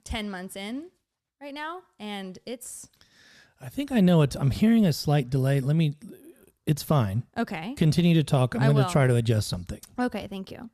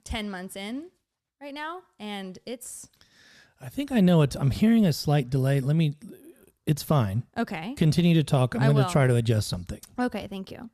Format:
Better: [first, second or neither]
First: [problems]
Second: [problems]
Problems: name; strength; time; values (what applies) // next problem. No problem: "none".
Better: neither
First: none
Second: none